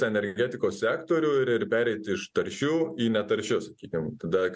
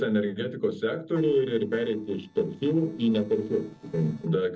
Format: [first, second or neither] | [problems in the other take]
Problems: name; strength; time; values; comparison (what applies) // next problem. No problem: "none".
first | noise reduction (neural separator model SepFormer DNS4)